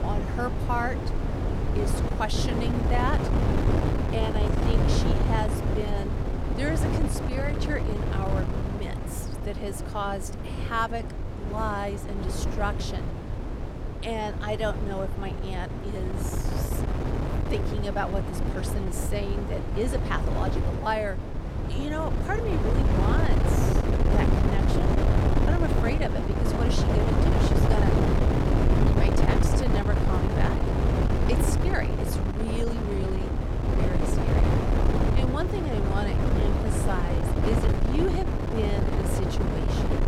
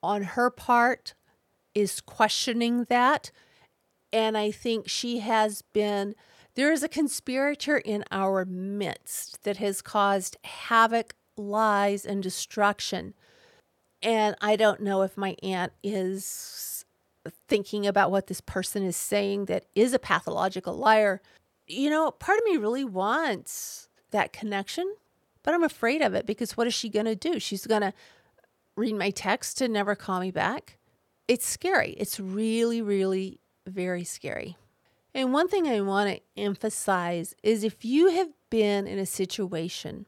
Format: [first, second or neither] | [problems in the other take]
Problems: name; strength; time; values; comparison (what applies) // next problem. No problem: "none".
second | wind noise on the microphone; heavy; as loud as the speech